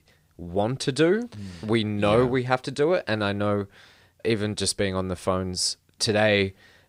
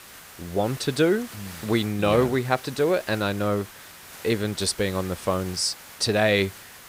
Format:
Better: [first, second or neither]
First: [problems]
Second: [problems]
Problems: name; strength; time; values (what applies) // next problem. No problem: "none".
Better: first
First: none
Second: hiss; noticeable; throughout; 15 dB below the speech